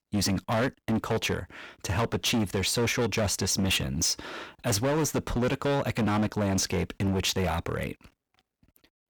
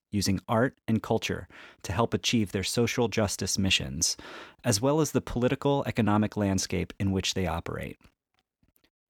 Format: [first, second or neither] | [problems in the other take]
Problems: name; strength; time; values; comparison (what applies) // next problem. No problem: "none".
second | distortion; heavy; 18% of the sound clipped